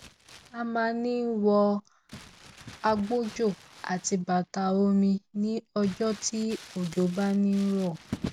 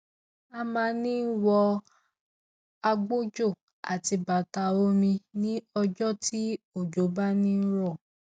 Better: second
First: background sound (Crumpling, crinkling); 17 dB below the speech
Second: none

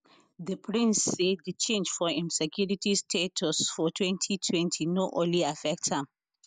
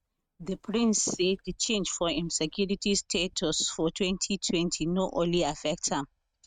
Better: first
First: none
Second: noise reduction (neural mask model RNNoise)

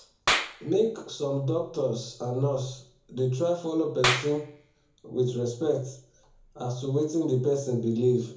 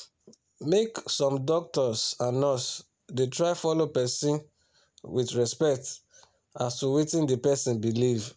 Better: second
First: background sound (Clapping); 7 dB below the speech // room echo; dies away in 0.6 s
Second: none

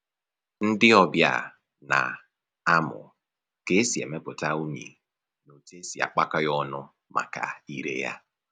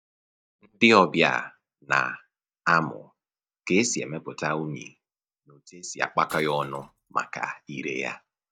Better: first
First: none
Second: noise reduction (neural mask model DeepFilterNet 3)

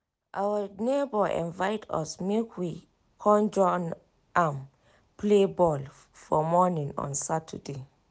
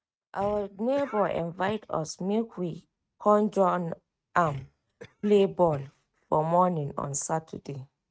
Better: first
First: none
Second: noise reduction (neural mask model RNNoise)

